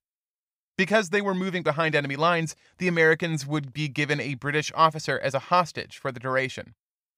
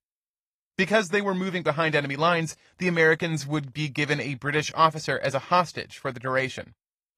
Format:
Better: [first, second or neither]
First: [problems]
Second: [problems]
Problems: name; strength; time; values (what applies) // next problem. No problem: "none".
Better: first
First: none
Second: garbled, watery; slightly; nothing above 14.5 kHz